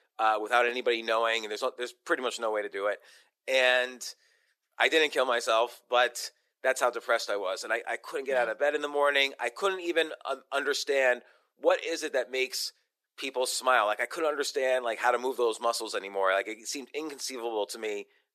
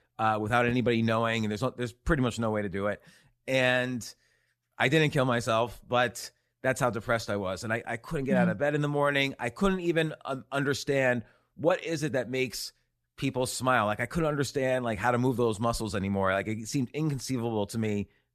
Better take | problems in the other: second | thin; very; fading below 350 Hz

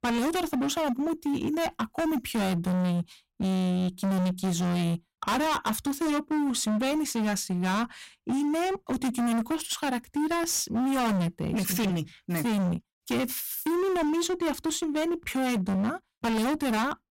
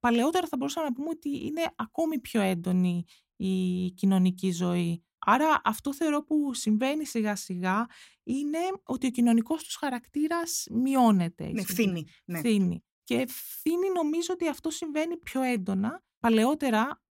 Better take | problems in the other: second | distortion; heavy; 33% of the sound clipped

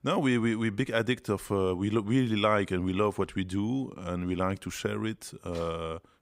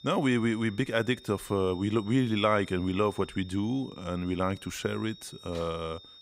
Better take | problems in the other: first | high-pitched whine; faint; throughout; 3.5 kHz, 20 dB below the speech

